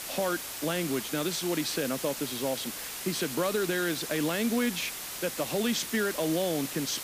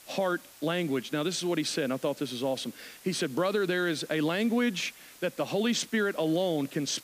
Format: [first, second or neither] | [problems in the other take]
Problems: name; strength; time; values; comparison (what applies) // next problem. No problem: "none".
second | hiss; loud; throughout; 5 dB below the speech; faint in the second